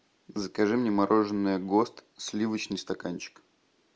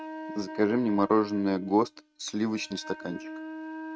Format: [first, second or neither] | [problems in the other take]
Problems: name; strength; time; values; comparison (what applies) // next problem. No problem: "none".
first | noise reduction (neural mask model RNNoise)